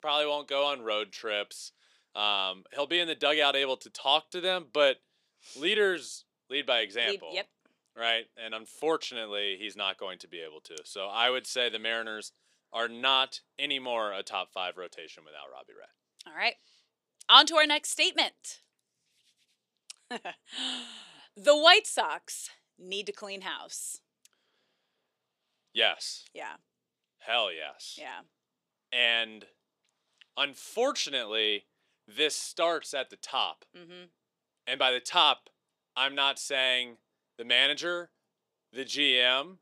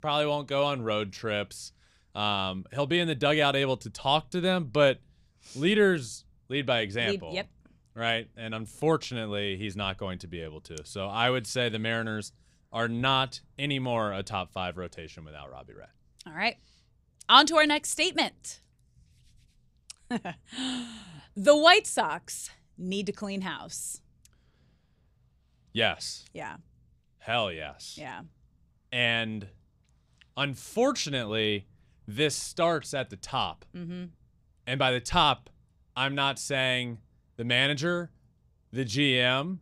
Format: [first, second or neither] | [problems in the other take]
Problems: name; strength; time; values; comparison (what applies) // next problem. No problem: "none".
second | thin; somewhat; fading below 350 Hz